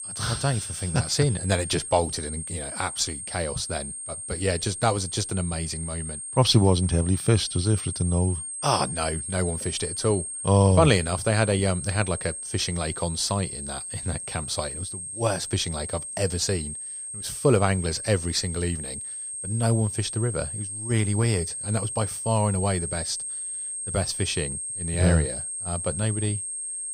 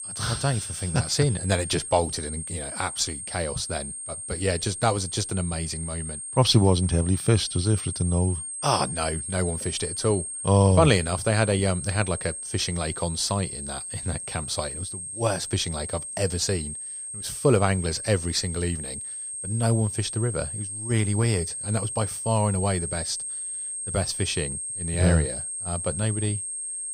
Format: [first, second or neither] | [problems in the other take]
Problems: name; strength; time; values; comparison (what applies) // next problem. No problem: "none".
neither | high-pitched whine; loud; throughout; 8.5 kHz, 6 dB below the speech; the same in both